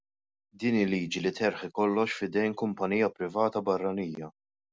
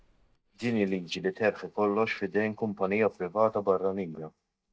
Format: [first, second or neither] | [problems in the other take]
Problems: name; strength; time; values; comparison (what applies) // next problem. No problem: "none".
first | noise reduction (neural mask model DeepFilterNet 3)